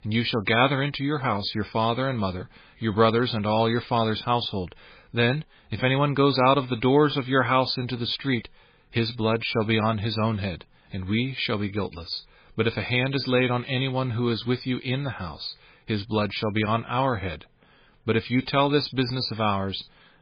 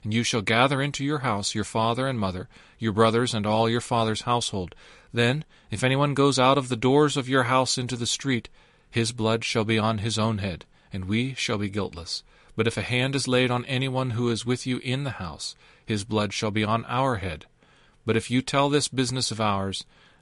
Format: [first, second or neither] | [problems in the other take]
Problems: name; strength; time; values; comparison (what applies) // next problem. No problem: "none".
second | garbled, watery; badly; nothing above 4.5 kHz; slightly in the second